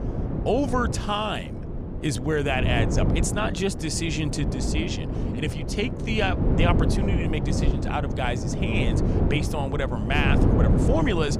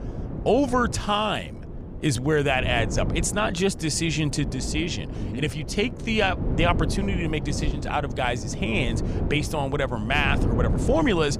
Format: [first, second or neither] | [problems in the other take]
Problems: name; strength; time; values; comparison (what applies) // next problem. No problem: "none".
second | wind noise on the microphone; heavy; 5 dB below the speech; occasional gusts in the second